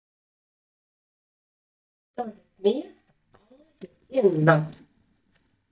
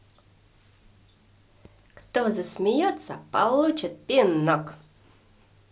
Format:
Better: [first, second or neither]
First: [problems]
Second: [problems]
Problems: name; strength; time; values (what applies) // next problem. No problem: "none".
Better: second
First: noise reduction (neural mask model DeepFilterNet 3)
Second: none